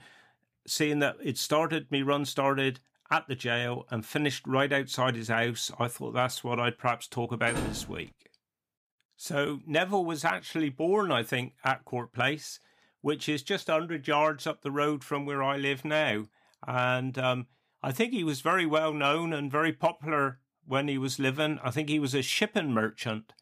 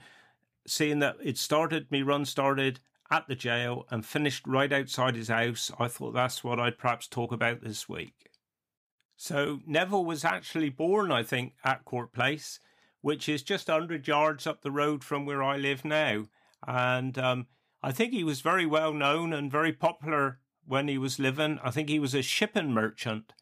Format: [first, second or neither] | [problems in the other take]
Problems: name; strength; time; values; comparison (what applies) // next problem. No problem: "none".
second | door banging; noticeable; at 7.5 s; peak 5 dB below the speech